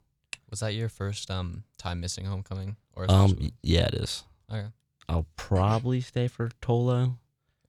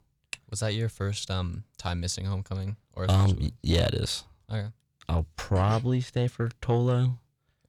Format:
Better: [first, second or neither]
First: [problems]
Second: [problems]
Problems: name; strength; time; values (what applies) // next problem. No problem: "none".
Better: first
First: none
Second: distortion; slight; 10 dB below the speech